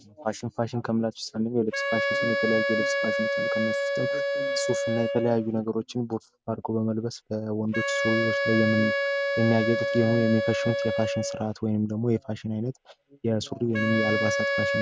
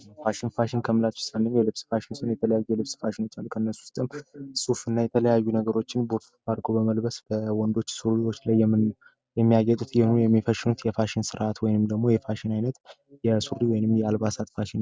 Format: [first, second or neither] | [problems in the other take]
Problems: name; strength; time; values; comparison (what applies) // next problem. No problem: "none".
second | background sound (Wind instrument, woodwind instrument); 1 dB below the speech